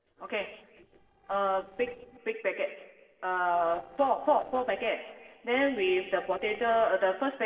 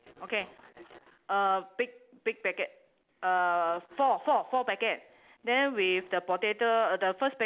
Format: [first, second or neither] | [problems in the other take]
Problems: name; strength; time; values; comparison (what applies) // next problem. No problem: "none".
second | noise reduction (neural separator model SepFormer DNS4)